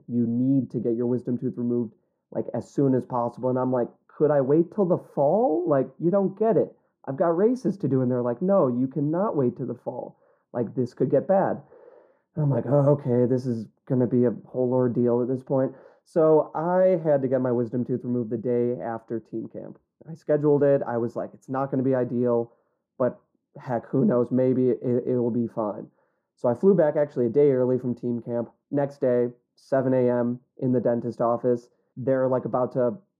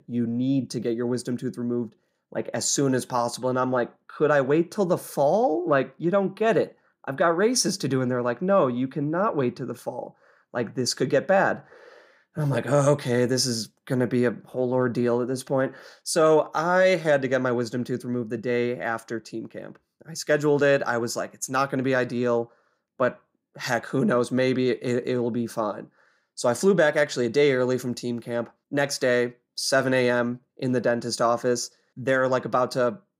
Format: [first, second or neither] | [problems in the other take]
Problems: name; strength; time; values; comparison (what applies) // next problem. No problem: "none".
second | muffled; very; fading above 1.5 kHz